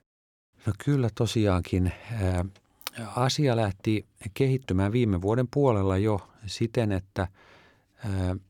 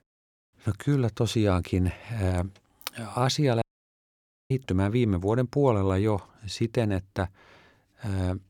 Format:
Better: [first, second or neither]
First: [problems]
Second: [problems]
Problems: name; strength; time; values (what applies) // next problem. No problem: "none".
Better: first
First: none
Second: audio cutting out; at 3.5 s for 1 s